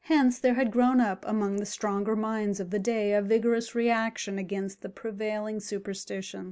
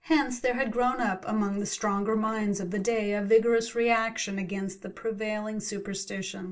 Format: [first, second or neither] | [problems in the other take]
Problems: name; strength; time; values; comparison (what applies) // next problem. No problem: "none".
first | noise reduction (neural separator model SepFormer DNS4)